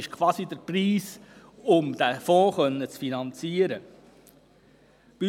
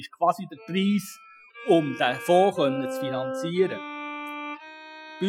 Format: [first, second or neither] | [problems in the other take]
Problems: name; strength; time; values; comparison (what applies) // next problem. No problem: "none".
first | noise reduction (classical method Wiener filter)